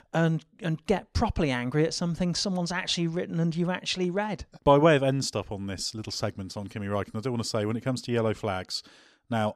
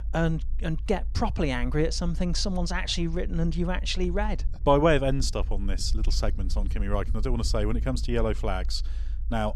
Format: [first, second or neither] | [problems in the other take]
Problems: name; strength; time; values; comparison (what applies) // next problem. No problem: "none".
first | low rumble; faint; throughout; 25 dB below the speech